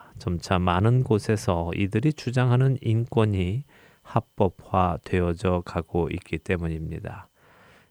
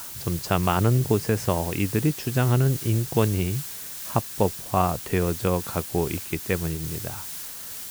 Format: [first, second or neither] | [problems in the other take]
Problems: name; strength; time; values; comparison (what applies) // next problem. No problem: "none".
first | hiss; loud; throughout; 8 dB below the speech